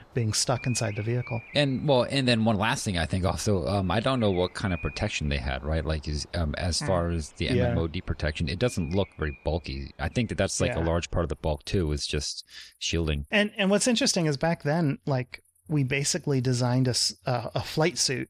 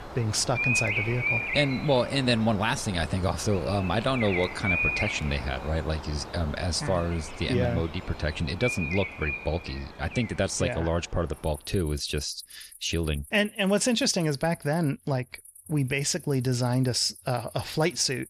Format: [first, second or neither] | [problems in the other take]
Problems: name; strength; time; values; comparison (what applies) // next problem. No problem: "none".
first | animal sounds; loud; throughout; 4 dB below the speech; faint in the first